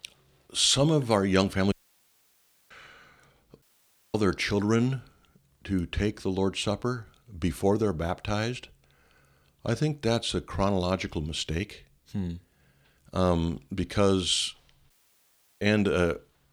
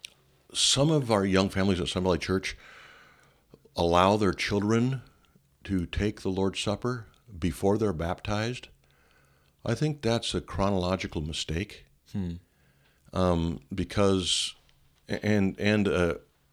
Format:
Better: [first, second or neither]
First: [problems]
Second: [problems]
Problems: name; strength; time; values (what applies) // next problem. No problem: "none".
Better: second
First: audio cutting out; at 1.5 s for 1 s, at 3.5 s for 0.5 s and at 15 s for 0.5 s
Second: none